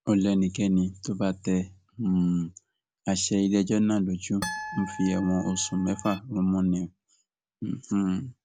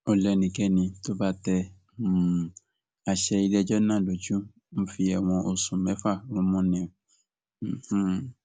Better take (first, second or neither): second